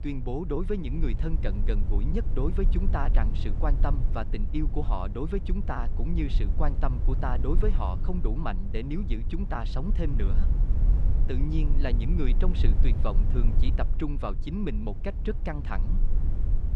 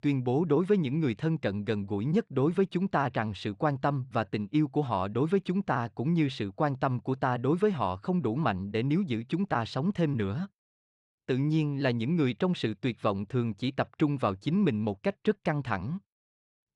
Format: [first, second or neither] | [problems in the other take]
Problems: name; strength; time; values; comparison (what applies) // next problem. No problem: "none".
second | low rumble; noticeable; throughout; 10 dB below the speech